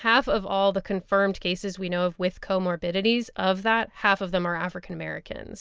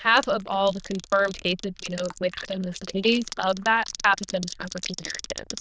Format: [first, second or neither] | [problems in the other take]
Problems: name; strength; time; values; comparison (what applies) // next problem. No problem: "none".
first | noise reduction (neural diffusion model UNIVERSE++)